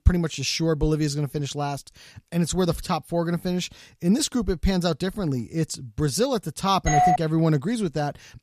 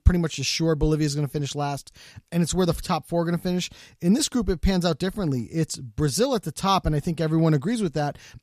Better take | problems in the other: second | doorbell; loud; at 7 s; peak 5 dB above the speech

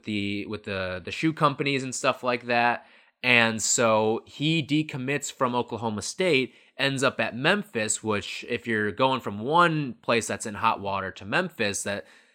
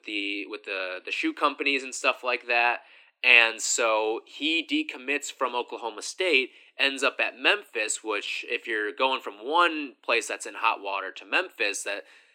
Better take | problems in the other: first | thin; somewhat; fading below 300 Hz

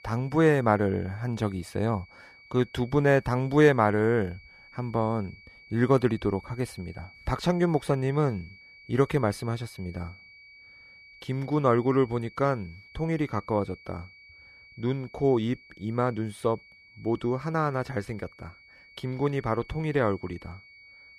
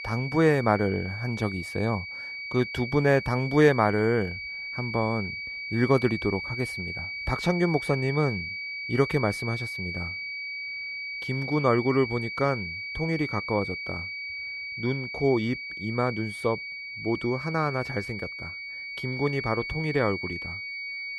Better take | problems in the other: first | high-pitched whine; loud; throughout; 2.5 kHz, 6 dB below the speech; faint in the first

